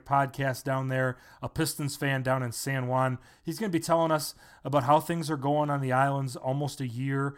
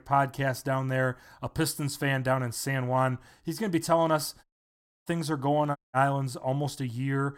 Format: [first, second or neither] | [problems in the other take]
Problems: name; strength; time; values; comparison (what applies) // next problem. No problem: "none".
first | audio cutting out; at 4.5 s for 0.5 s and at 6 s